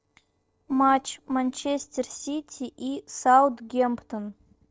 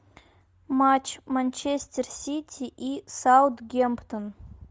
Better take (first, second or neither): second